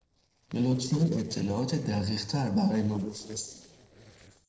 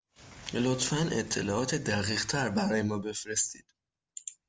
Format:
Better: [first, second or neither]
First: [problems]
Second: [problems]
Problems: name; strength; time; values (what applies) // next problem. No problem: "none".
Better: second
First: noise reduction (neural separator model SepFormer DNS4)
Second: none